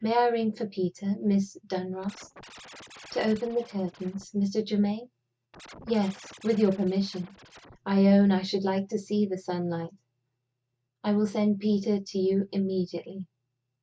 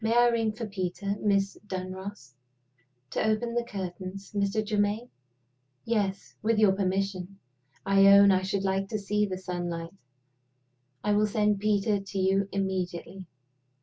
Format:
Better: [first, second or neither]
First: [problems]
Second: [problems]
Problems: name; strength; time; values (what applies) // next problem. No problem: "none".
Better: second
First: noise reduction (neural mask model RNNoise)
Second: none